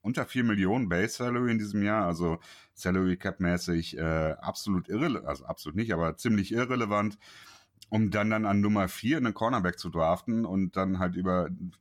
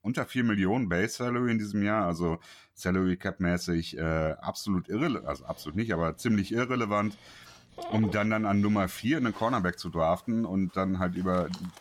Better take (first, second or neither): first